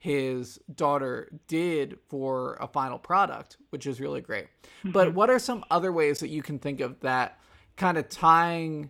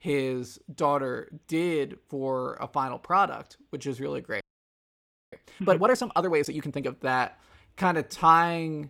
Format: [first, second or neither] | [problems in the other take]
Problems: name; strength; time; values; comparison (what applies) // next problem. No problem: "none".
first | audio freezing; at 4.5 s for 1 s